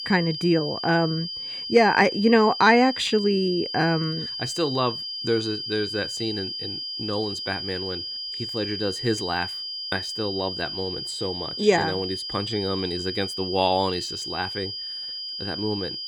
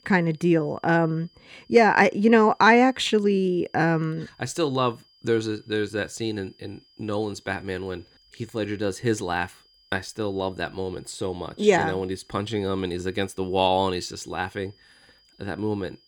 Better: second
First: high-pitched whine; loud; throughout; 5 kHz, 5 dB below the speech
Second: high-pitched whine; faint; throughout; 5 kHz, 35 dB below the speech

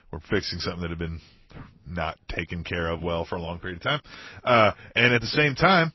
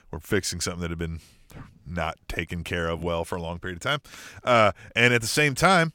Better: second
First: garbled, watery; slightly; nothing above 5.5 kHz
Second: none

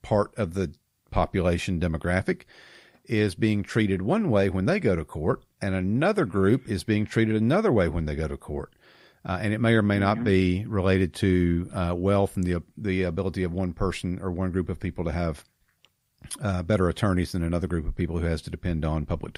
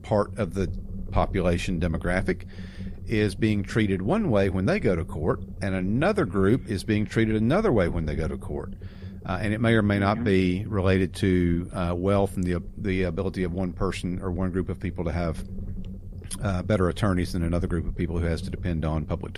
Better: first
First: none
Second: low rumble; faint; throughout; 20 dB below the speech

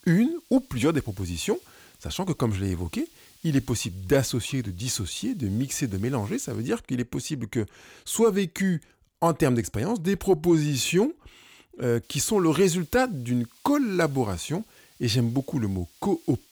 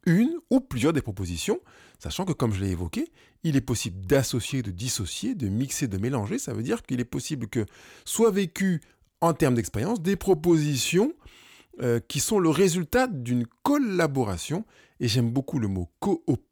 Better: second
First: hiss; faint; until 6.5 s and from 12 s on; 25 dB below the speech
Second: none

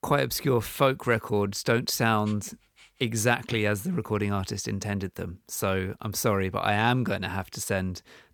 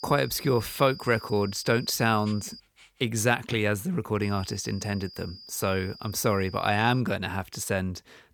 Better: first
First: none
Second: high-pitched whine; noticeable; until 2.5 s and from 4 to 7 s; 5 kHz, 15 dB below the speech

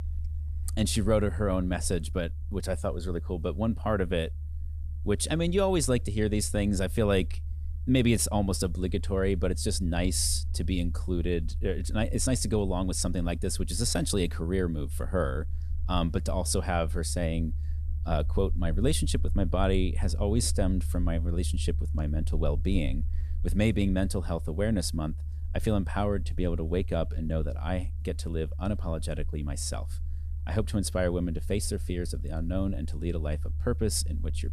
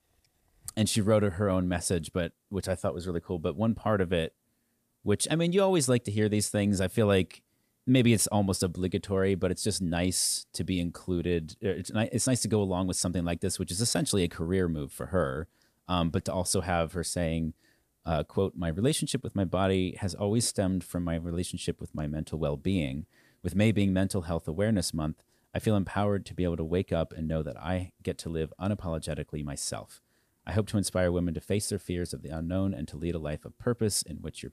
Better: second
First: low rumble; faint; throughout; 20 dB below the speech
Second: none

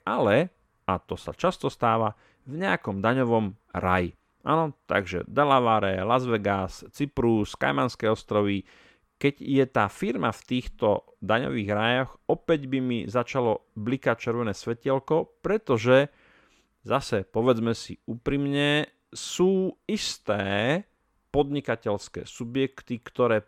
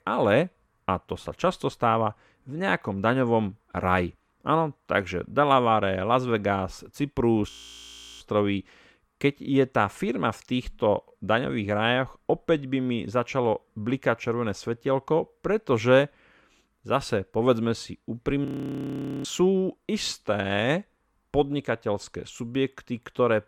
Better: first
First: none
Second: audio freezing; at 7.5 s for 0.5 s and at 18 s for 1 s

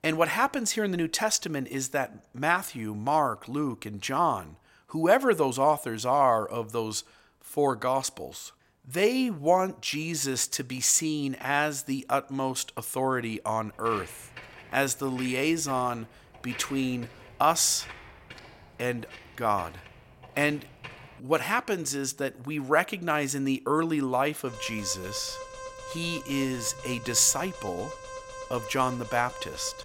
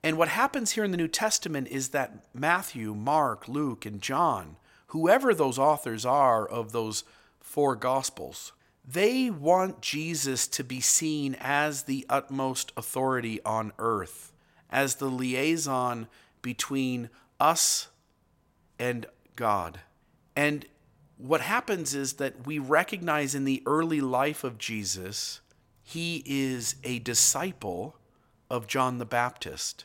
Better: second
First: footsteps; faint; from 14 to 21 s; peak 15 dB below the speech // alarm; faint; from 24 s on; peak 15 dB below the speech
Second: none

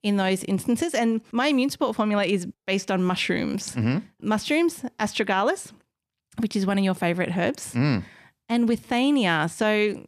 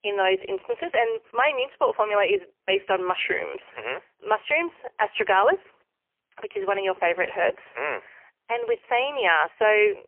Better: first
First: none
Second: phone-call audio; poor line; nothing above 3 kHz

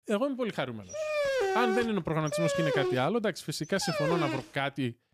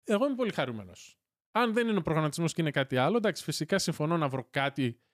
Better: second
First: dog barking; loud; from 1 to 4.5 s; peak 3 dB above the speech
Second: none

